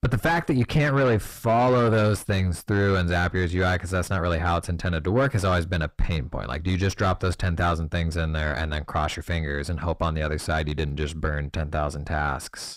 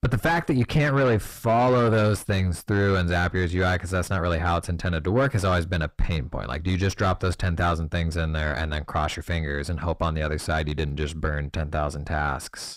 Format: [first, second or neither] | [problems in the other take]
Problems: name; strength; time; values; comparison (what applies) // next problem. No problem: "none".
neither | distortion; heavy; 6 dB below the speech; the same in both